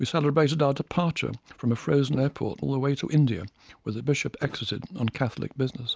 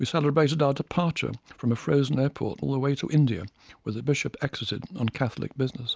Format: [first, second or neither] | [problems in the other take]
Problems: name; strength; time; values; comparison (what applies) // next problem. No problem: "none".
second | background sound (Walk, footsteps); 17 dB below the speech